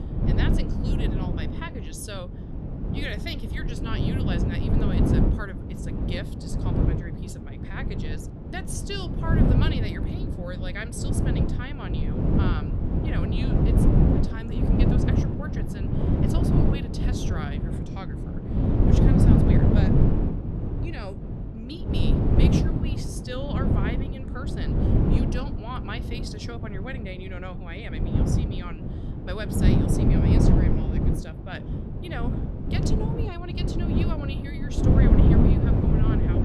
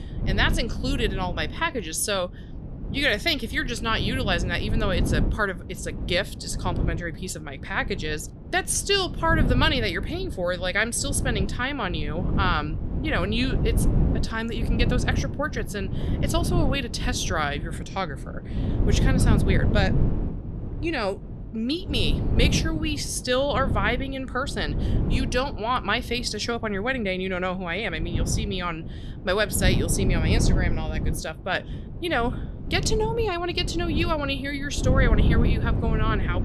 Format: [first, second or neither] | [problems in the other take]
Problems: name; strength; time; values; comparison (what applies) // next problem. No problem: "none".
second | wind noise on the microphone; heavy; 5 dB above the speech; occasional gusts in the second